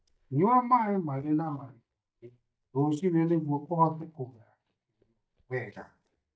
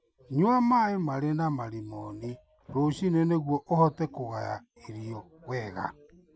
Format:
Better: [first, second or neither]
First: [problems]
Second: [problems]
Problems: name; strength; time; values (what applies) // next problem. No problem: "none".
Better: second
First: noise reduction (neural mask model DeepFilterNet 3)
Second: none